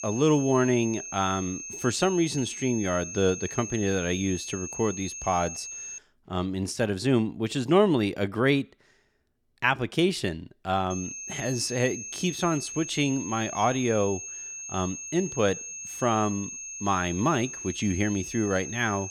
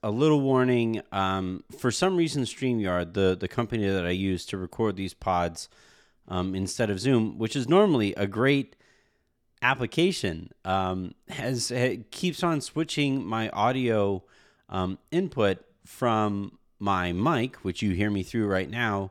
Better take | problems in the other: second | high-pitched whine; loud; until 6 s and from 11 s on; 6.5 kHz, 8 dB below the speech

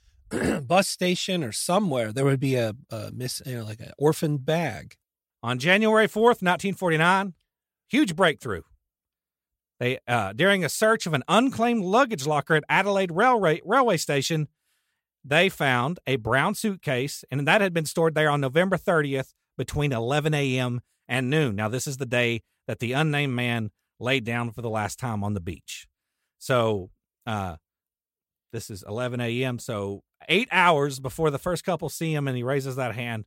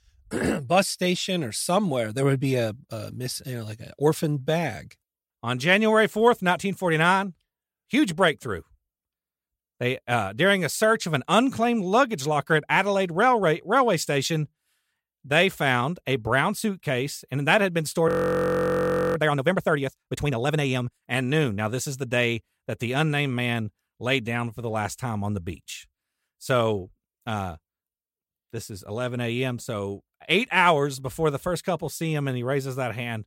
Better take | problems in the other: first | audio freezing; at 18 s for 1 s

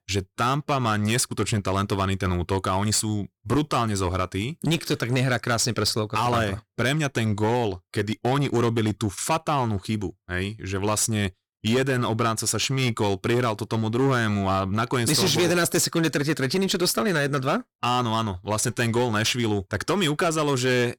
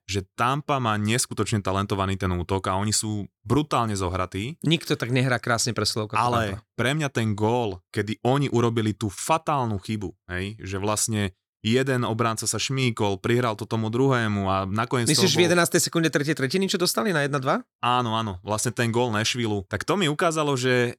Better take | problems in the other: second | distortion; slight; 11% of the sound clipped

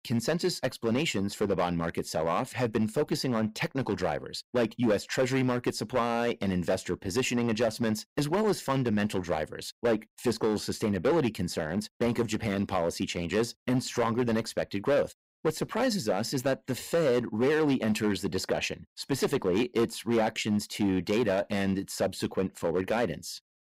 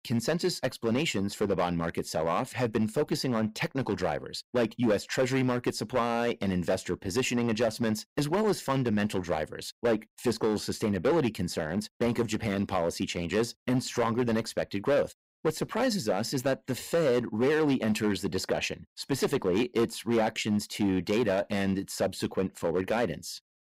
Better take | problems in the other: neither | distortion; slight; 6% of the sound clipped; the same in both

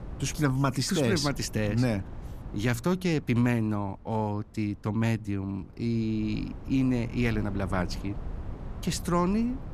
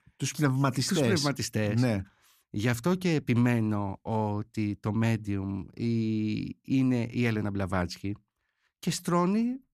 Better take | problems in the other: second | wind noise on the microphone; occasional gusts; 20 dB below the speech

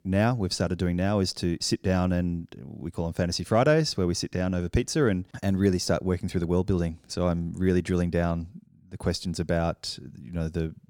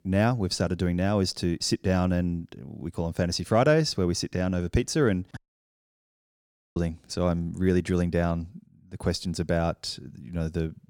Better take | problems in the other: first | audio cutting out; at 5.5 s for 1.5 s

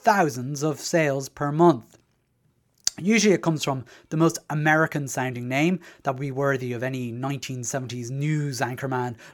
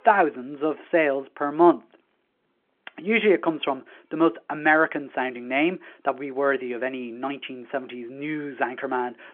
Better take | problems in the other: first | phone-call audio; nothing above 3 kHz

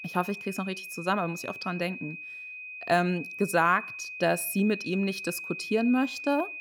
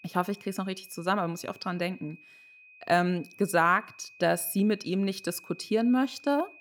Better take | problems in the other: second | high-pitched whine; loud; throughout; 2.5 kHz, 9 dB below the speech; faint in the second

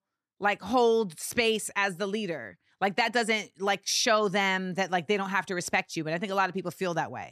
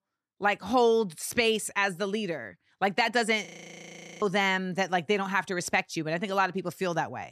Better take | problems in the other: first | audio freezing; at 3.5 s for 1 s

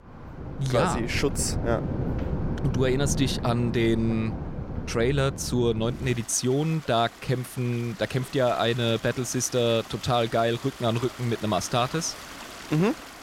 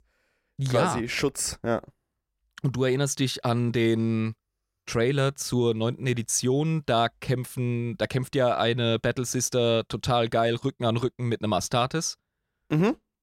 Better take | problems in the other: second | rain or running water; loud; throughout; 9 dB below the speech

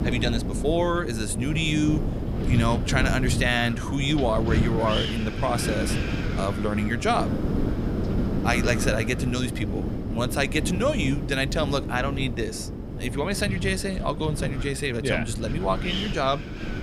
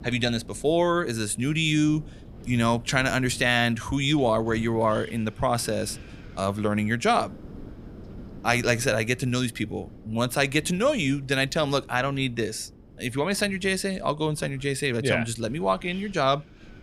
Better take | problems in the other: second | wind noise on the microphone; heavy; 8 dB below the speech; occasional gusts in the second

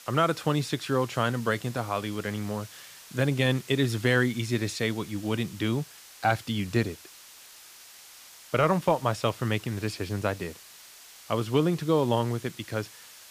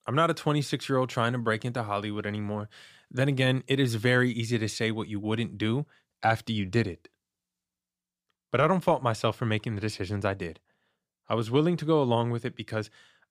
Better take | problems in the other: second | hiss; noticeable; throughout; 20 dB below the speech

